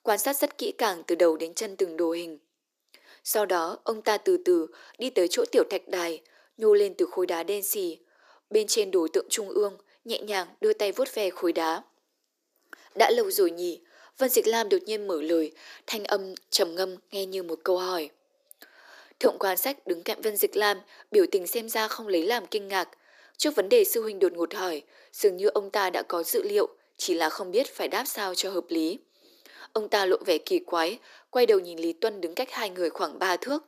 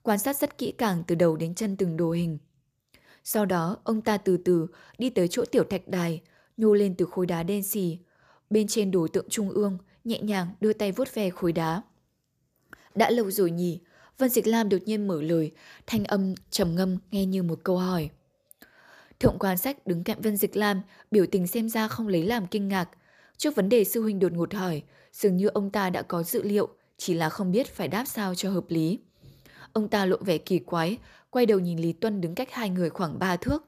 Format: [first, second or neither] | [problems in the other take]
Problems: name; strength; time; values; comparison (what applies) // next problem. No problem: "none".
second | thin; very; fading below 300 Hz